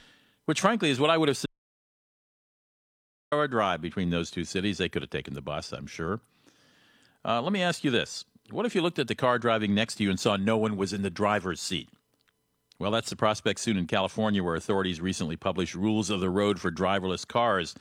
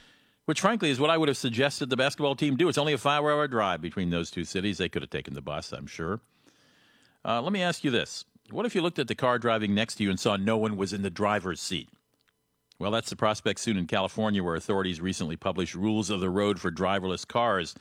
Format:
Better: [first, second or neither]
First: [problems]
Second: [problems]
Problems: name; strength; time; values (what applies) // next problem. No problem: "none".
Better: second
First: audio cutting out; at 1.5 s for 2 s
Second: none